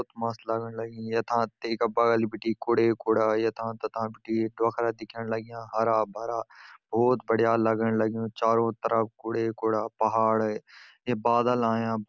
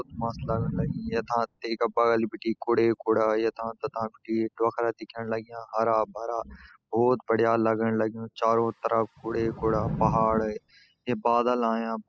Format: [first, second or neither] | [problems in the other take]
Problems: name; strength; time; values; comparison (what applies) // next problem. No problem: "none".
first | noise reduction (classical method spectral subtraction)